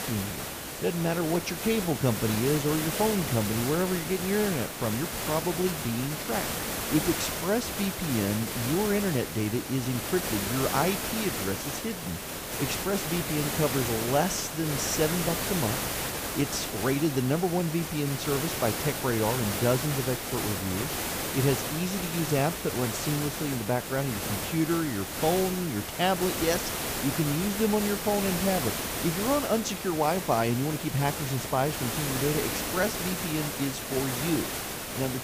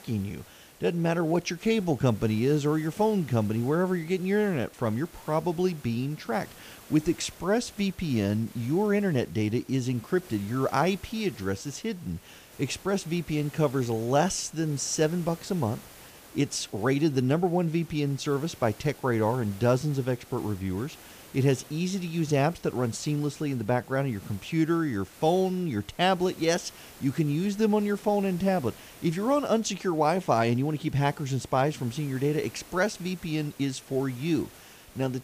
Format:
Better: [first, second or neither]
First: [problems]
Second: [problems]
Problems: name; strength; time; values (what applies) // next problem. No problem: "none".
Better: second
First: hiss; loud; throughout; 2 dB below the speech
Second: hiss; faint; throughout; 20 dB below the speech